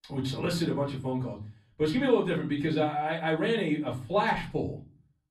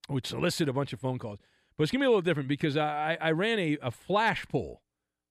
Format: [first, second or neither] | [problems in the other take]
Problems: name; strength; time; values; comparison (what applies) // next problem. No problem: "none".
second | off-mic speech; far // room echo; very slight; dies away in 0.4 s